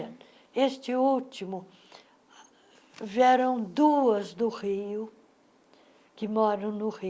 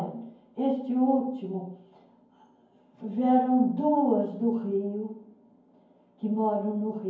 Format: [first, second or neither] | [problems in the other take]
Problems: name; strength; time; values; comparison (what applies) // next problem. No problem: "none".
first | room echo; dies away in 0.9 s